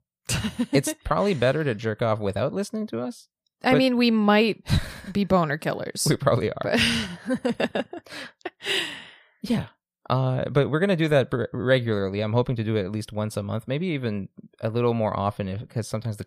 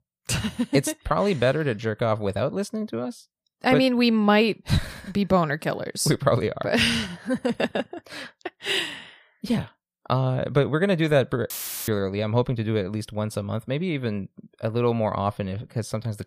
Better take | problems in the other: first | audio cutting out; filled with static; at 12 s

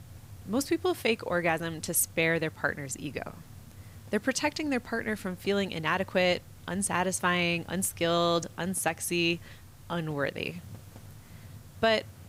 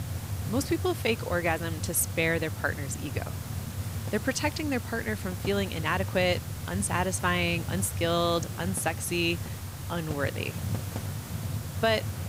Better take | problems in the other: first | hiss; loud; throughout; 6 dB below the speech; faint in the first

